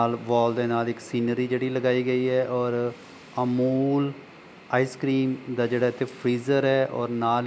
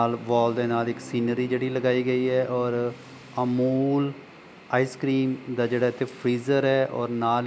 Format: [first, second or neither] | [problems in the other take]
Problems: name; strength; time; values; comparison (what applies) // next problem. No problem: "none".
first | background sound (Bowed string instrument); 19 dB below the speech